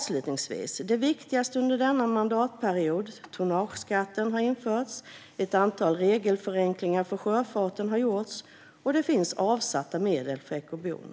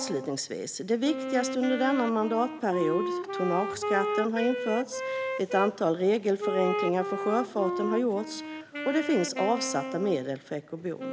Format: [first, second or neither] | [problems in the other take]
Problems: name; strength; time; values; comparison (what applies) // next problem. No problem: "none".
first | background sound (Wind instrument, woodwind instrument); 5 dB below the speech